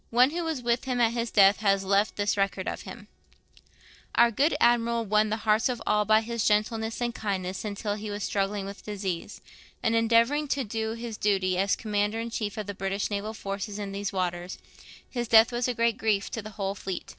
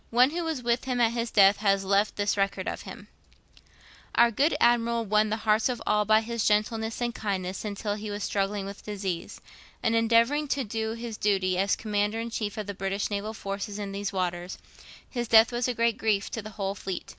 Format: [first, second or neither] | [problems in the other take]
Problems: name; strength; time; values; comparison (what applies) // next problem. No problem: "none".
second | noise reduction (neural separator model SepFormer DNS4)